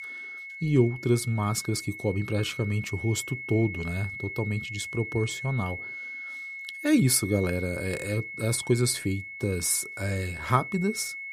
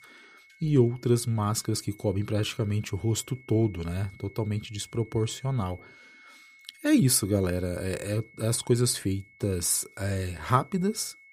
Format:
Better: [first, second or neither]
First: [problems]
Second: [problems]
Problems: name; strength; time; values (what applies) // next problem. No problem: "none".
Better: second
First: high-pitched whine; loud; throughout; 2 kHz, 9 dB below the speech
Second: high-pitched whine; faint; throughout; 2 kHz, 25 dB below the speech